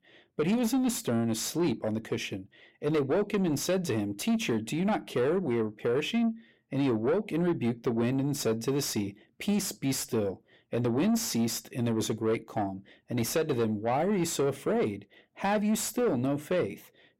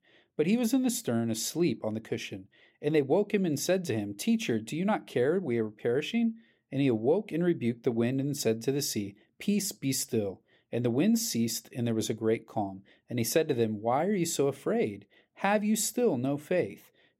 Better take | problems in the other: second | distortion; slight; 10 dB below the speech

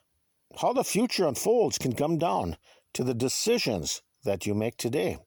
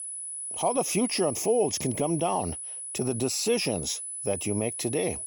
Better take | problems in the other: first | high-pitched whine; loud; throughout; 10 kHz, 5 dB below the speech

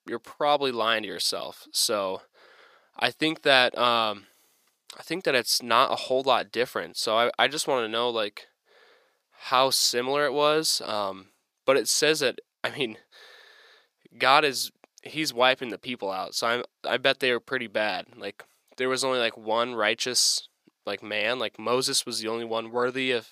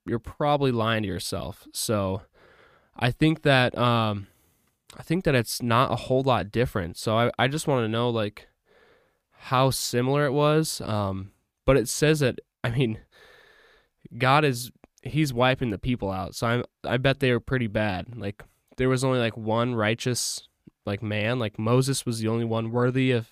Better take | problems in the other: second | thin; somewhat; fading below 450 Hz

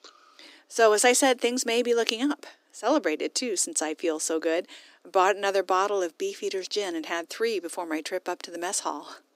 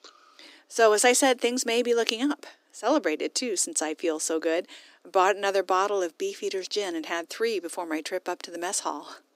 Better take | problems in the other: neither | thin; somewhat; fading below 300 Hz; the same in both

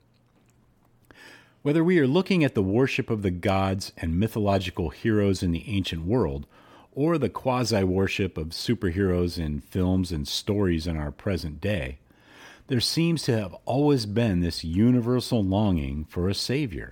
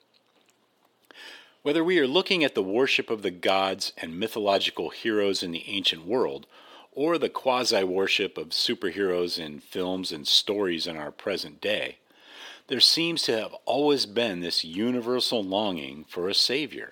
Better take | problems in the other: first | thin; somewhat; fading below 450 Hz

